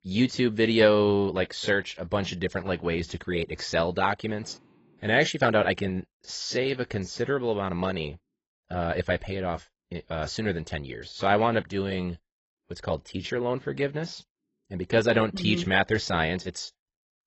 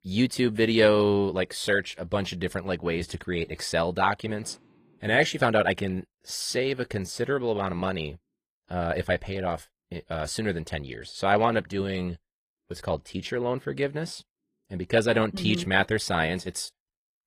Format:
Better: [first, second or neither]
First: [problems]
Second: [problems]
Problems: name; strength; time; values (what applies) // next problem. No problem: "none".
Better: second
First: garbled, watery; badly; nothing above 8 kHz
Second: garbled, watery; slightly; nothing above 13.5 kHz